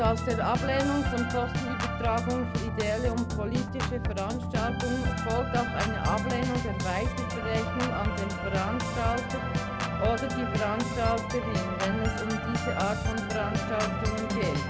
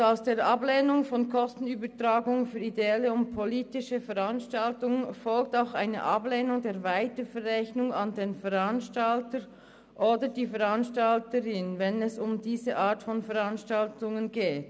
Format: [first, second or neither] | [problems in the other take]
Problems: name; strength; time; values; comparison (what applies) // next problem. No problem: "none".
second | background sound (Organ); 1 dB above the speech